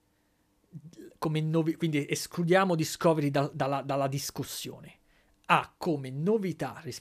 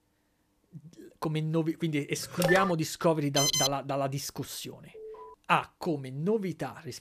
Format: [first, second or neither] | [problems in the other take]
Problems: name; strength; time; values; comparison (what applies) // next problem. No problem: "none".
first | phone ringing; loud; at 2.5 s; peak 2 dB above the speech // alarm; loud; at 3.5 s; peak 5 dB above the speech // alarm; faint; at 5 s; peak 15 dB below the speech